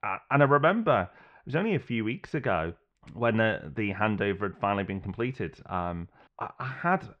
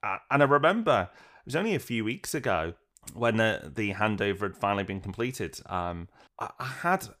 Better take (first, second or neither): second